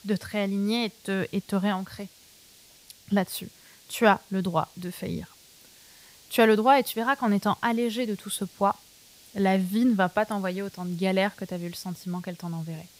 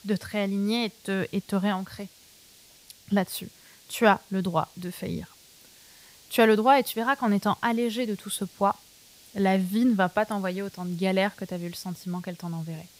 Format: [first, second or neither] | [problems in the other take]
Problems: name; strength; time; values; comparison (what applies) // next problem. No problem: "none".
neither | hiss; faint; throughout; 25 dB below the speech; the same in both